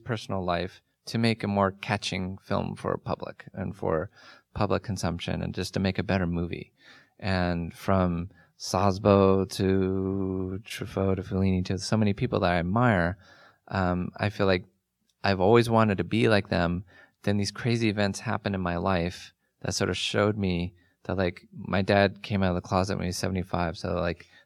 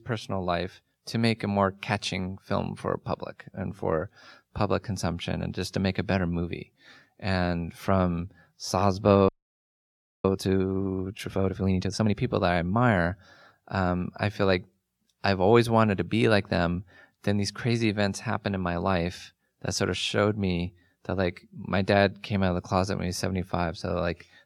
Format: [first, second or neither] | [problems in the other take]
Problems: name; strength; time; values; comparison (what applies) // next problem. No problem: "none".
first | audio freezing; at 9.5 s for 1 s